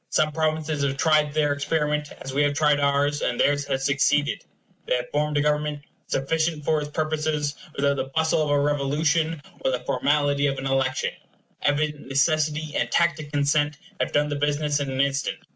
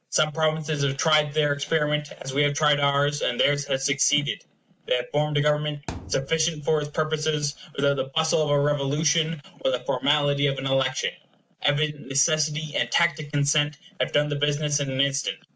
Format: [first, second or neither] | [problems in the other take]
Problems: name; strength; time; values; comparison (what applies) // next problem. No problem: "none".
first | background sound (Thump, thud); 16 dB below the speech